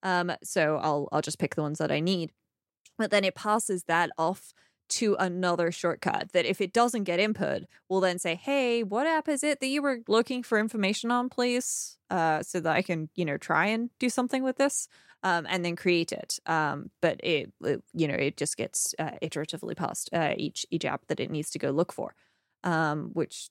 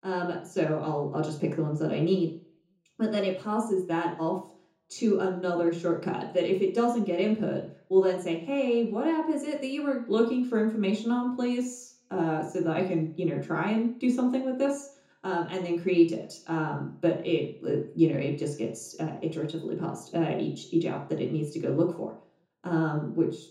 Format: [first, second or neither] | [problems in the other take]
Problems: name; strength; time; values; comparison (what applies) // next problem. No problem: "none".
first | room echo; slight; dies away in 0.6 s // off-mic speech; far